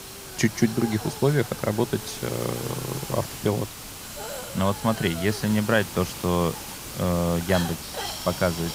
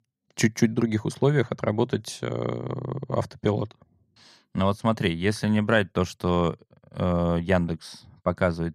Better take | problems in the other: second | hiss; loud; throughout; 8 dB below the speech

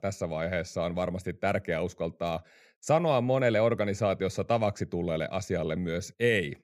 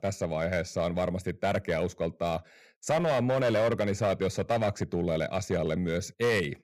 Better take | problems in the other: first | distortion; slight; 7% of the sound clipped

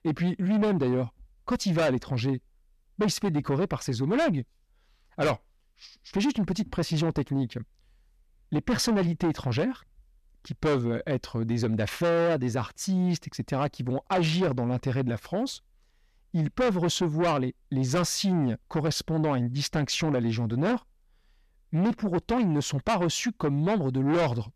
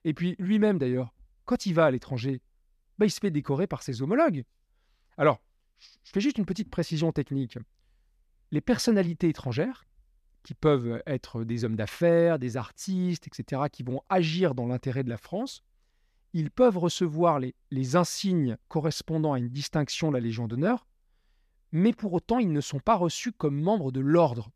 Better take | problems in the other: second | distortion; heavy; 7 dB below the speech

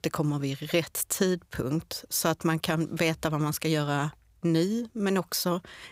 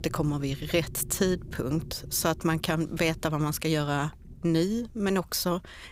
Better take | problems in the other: first | low rumble; faint; throughout; 25 dB below the speech

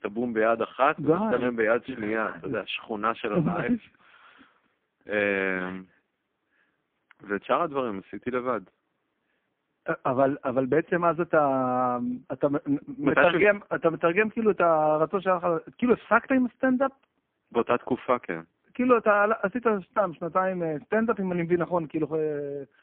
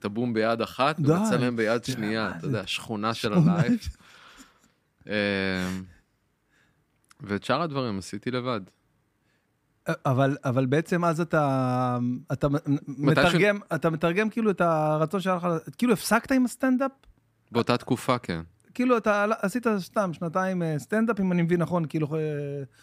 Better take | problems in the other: second | phone-call audio; poor line

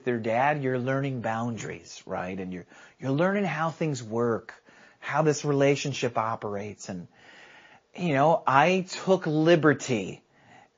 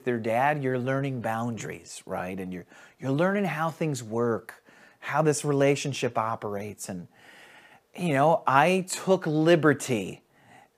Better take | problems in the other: second | garbled, watery; slightly

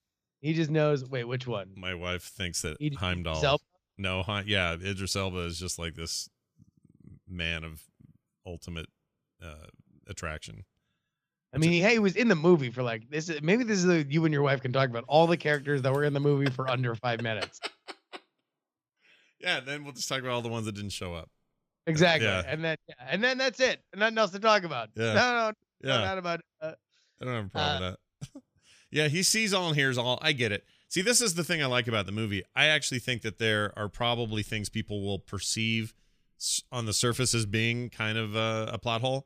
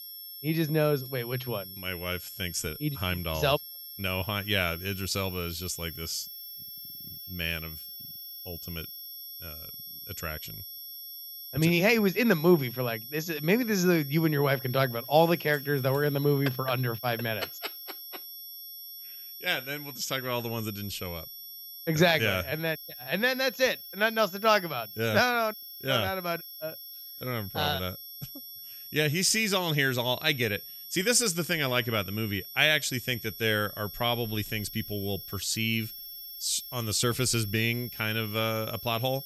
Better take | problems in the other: first | high-pitched whine; noticeable; throughout; 12 kHz, 10 dB below the speech

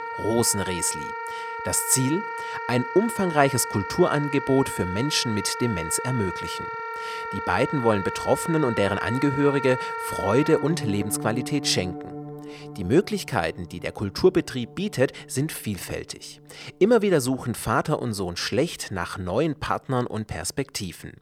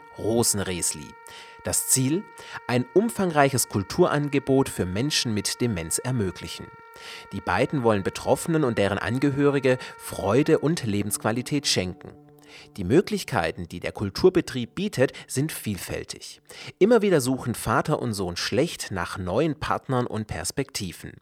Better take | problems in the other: second | background music; loud; throughout; 7 dB below the speech; faint in the second

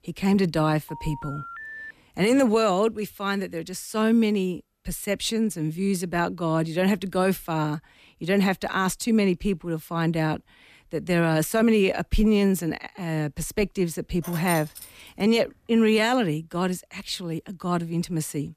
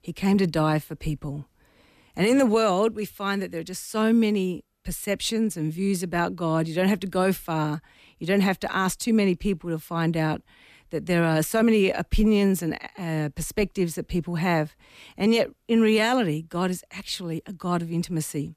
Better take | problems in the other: second | phone ringing; faint; from 1 to 2 s; peak 10 dB below the speech // jangling keys; noticeable; at 14 s; peak 9 dB below the speech

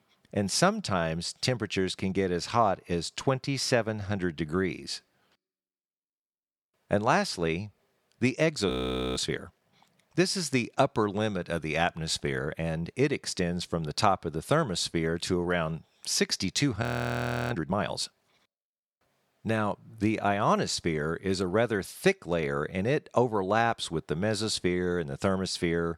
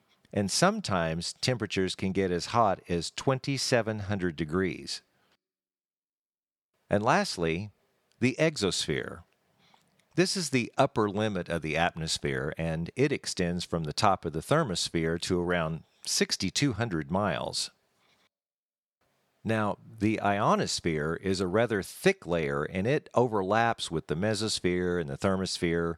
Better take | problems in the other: second | audio freezing; at 8.5 s and at 17 s for 0.5 s

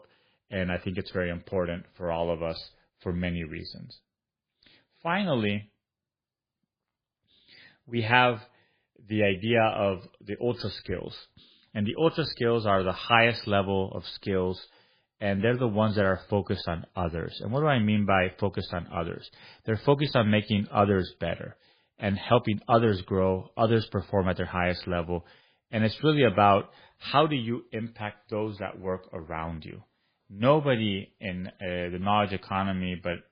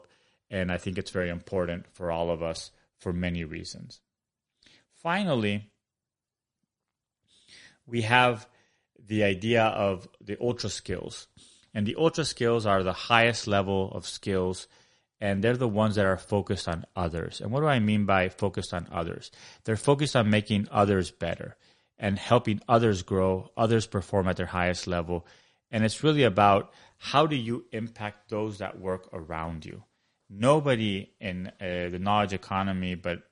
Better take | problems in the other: second | garbled, watery; badly; nothing above 4.5 kHz; slightly in the second

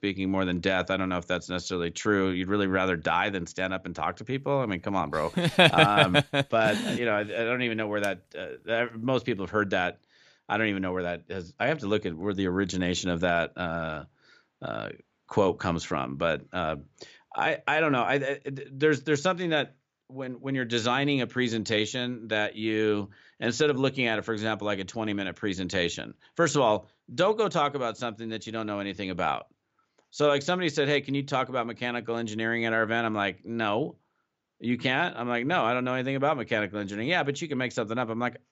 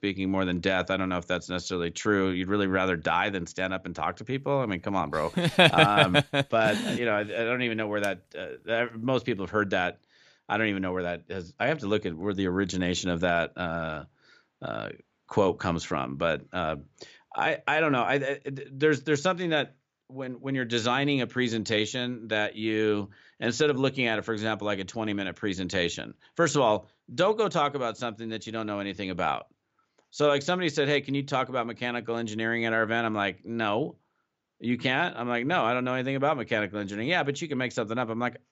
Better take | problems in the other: neither | none

